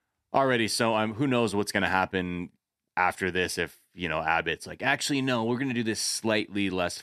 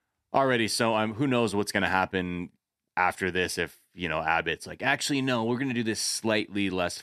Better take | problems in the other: neither | none

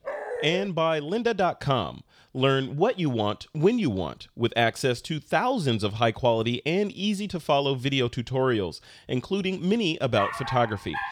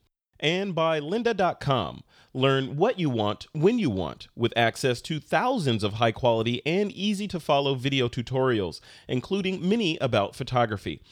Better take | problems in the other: second | dog barking; noticeable; at the start and at 10 s; peak 5 dB below the speech

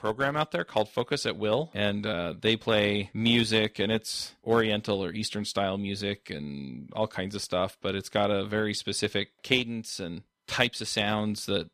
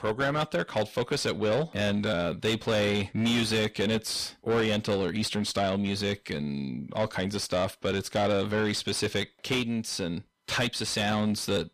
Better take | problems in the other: first | distortion; heavy; 7 dB below the speech

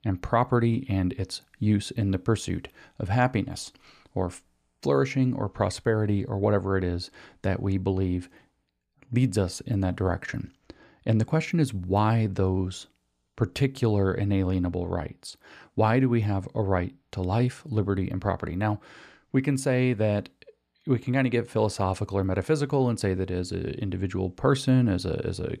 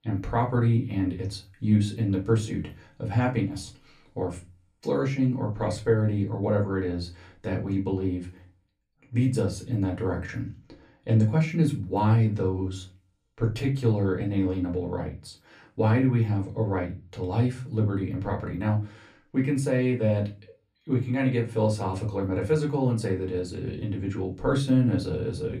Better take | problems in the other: first | off-mic speech; far // room echo; very slight; dies away in 0.3 s

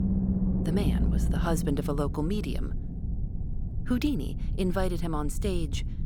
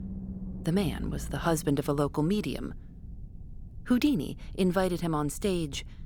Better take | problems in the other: second | low rumble; loud; throughout; 7 dB below the speech; faint in the second

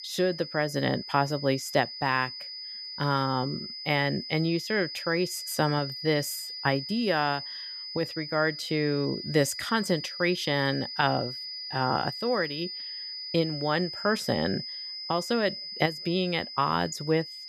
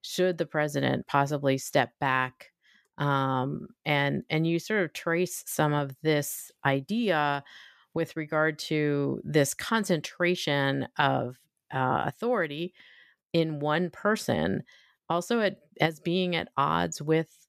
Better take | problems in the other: second | high-pitched whine; loud; throughout; 5 kHz, 7 dB below the speech

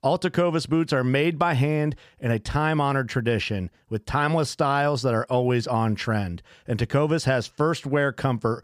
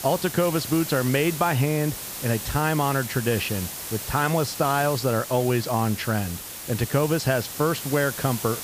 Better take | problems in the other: first | hiss; loud; throughout; 8 dB below the speech

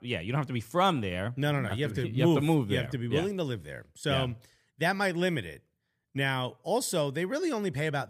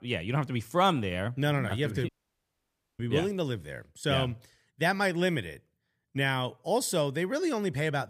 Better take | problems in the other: first | audio cutting out; at 2 s for 1 s

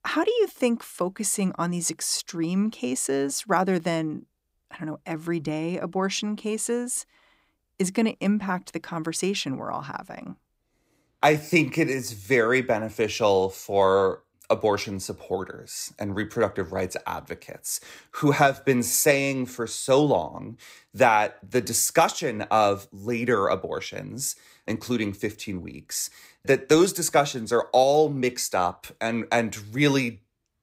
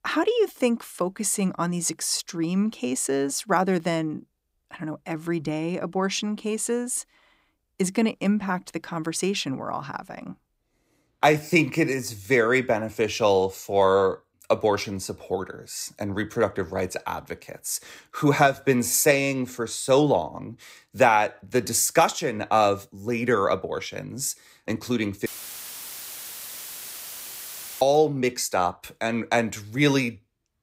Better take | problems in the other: first | audio cutting out; filled with static; at 25 s for 2.5 s

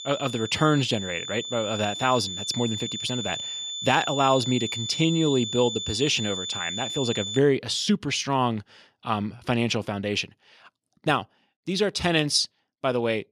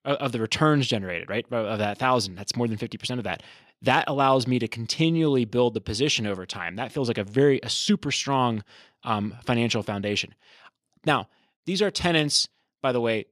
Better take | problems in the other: second | high-pitched whine; loud; until 7.5 s; 3.5 kHz, 5 dB below the speech

